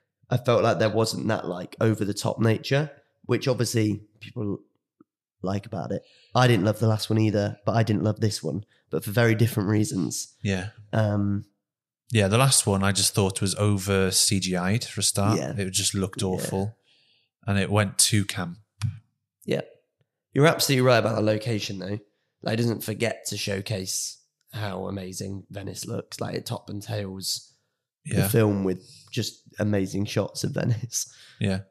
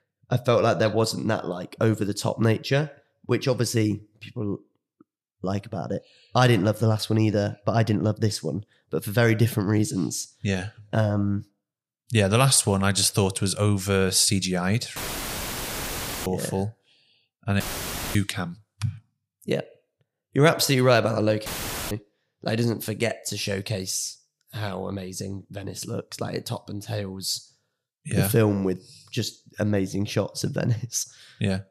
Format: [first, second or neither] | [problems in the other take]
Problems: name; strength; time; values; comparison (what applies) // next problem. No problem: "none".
first | audio cutting out; filled with static; at 15 s for 1.5 s, at 18 s for 0.5 s and at 21 s